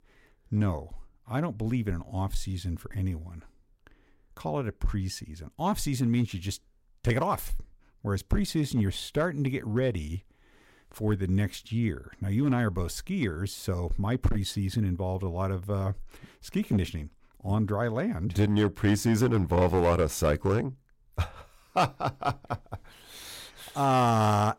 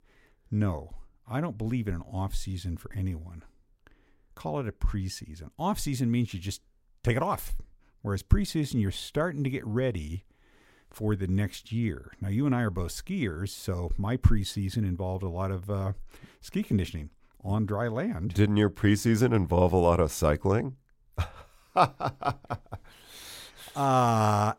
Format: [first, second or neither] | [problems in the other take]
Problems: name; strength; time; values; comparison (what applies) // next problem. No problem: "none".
second | distortion; slight; 2% of the sound clipped